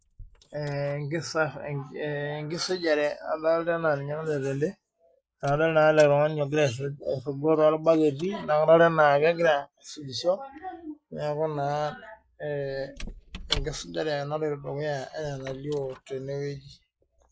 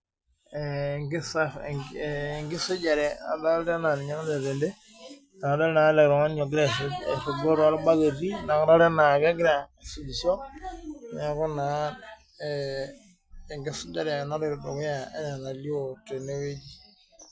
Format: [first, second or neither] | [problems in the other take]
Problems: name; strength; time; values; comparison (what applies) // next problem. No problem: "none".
second | noise reduction (neural mask model Resemble Enhance denoiser)